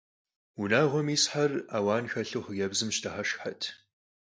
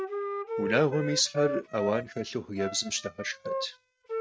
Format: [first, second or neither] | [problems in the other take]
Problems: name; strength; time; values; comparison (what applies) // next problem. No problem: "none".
first | noise reduction (neural mask model RNNoise)